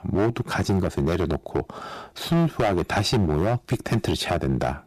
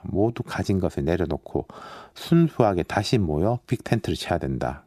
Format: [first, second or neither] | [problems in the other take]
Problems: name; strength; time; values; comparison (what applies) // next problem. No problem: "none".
second | distortion; heavy; 10% of the sound clipped